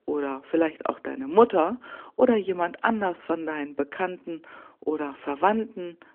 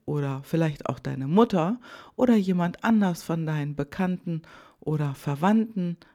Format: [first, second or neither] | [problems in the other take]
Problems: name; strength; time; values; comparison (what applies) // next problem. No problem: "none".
second | phone-call audio